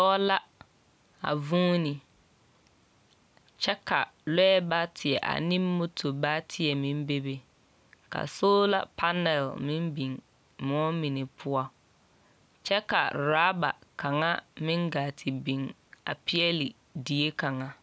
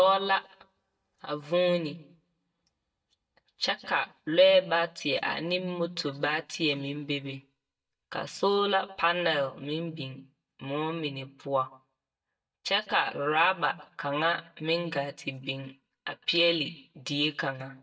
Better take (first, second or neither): first